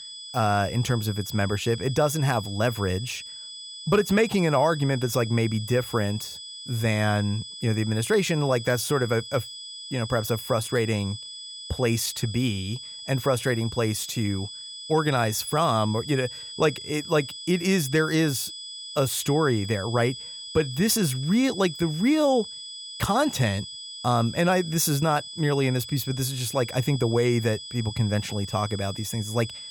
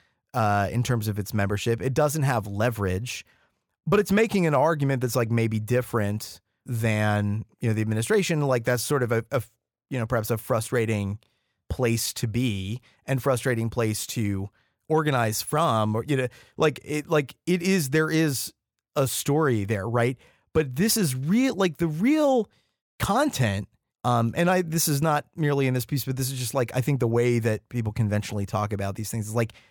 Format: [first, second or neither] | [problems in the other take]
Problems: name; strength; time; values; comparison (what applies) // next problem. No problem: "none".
second | high-pitched whine; noticeable; throughout; 3.5 kHz, 10 dB below the speech